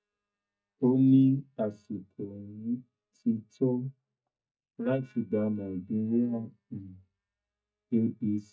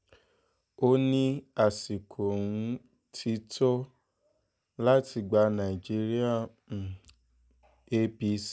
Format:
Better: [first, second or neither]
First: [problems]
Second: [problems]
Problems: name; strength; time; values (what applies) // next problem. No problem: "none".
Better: second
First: noise reduction (neural mask model DeepFilterNet 3)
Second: none